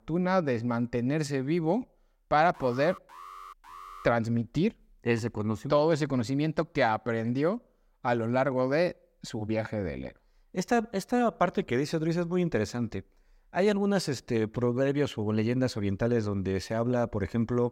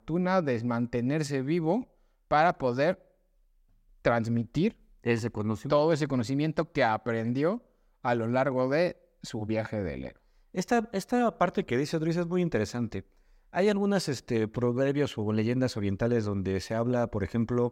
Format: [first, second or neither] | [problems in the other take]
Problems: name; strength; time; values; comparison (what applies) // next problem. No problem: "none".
second | alarm; faint; from 2.5 to 4 s; peak 15 dB below the speech